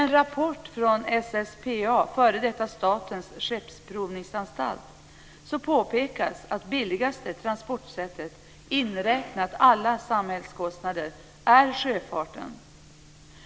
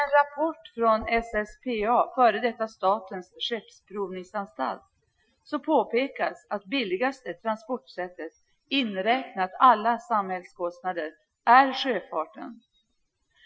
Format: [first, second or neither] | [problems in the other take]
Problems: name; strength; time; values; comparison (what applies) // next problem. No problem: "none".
first | noise reduction (classical method Wiener filter)